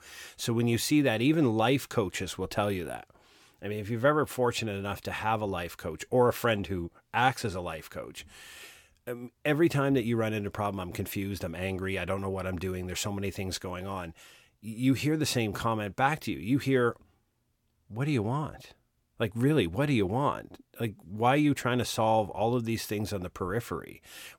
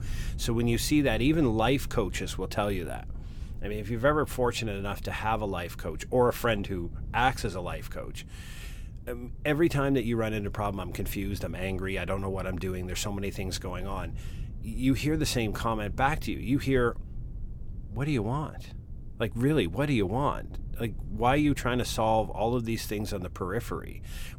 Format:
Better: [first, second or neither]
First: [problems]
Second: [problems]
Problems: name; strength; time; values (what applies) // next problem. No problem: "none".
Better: first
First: none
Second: low rumble; faint; throughout; 25 dB below the speech